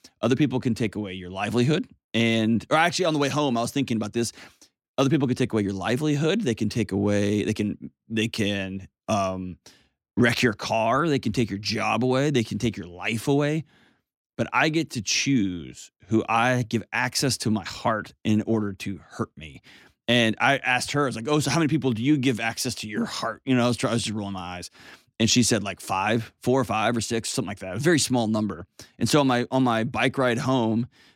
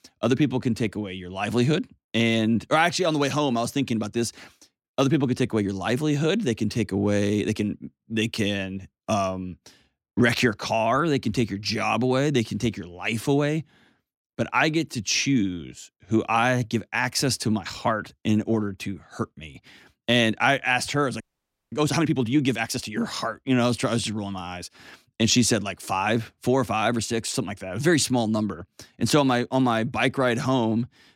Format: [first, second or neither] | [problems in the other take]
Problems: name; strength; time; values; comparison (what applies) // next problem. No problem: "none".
first | audio freezing; at 21 s for 0.5 s